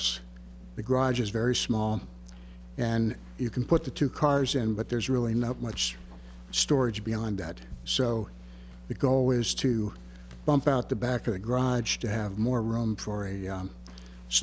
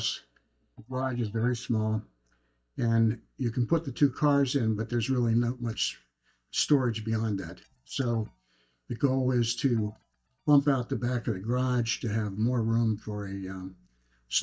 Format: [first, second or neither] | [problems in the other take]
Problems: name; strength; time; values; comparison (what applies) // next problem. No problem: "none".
first | noise reduction (neural mask model DeepFilterNet 3)